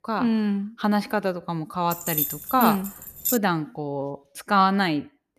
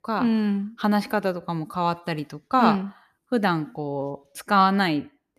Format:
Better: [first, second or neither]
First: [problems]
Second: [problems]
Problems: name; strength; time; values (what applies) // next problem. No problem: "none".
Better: second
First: jangling keys; noticeable; from 2 to 3.5 s; peak level with the speech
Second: none